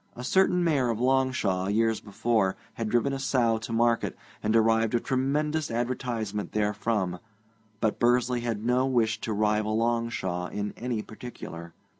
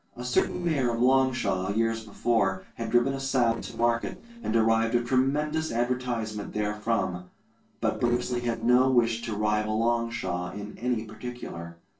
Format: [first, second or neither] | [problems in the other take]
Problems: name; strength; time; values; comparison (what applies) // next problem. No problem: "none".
first | noise reduction (neural separator model SepFormer DNS4)